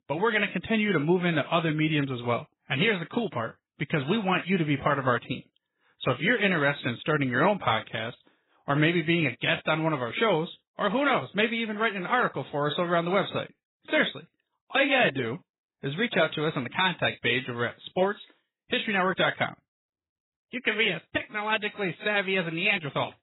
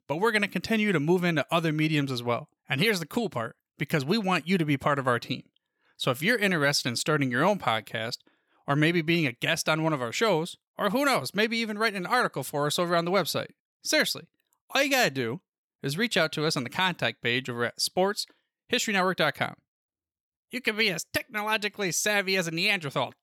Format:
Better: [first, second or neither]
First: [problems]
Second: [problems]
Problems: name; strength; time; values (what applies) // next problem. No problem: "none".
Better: second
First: garbled, watery; badly; nothing above 4 kHz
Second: none